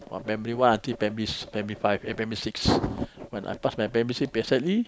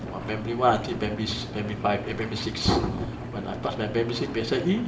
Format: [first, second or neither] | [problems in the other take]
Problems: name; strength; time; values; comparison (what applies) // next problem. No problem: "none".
first | background sound (Engine); 8 dB below the speech // room echo; dies away in 0.8 s